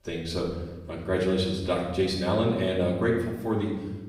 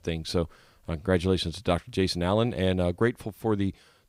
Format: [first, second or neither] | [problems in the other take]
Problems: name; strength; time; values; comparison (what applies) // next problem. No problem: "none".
second | room echo; noticeable; dies away in 1 s // off-mic speech; far